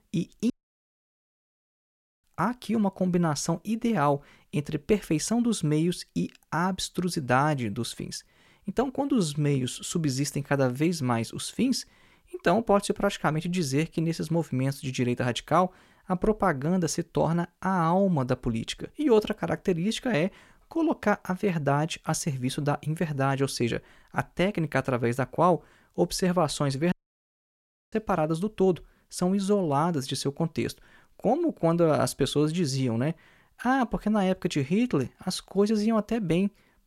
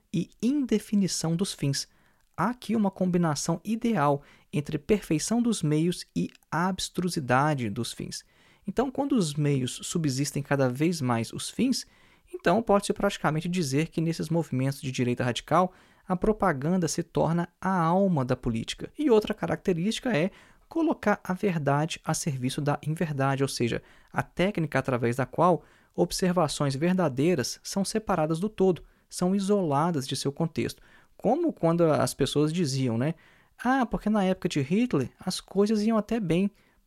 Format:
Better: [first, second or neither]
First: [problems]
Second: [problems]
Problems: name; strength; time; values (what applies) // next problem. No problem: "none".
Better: second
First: audio cutting out; at 0.5 s for 1.5 s and at 27 s for 1 s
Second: none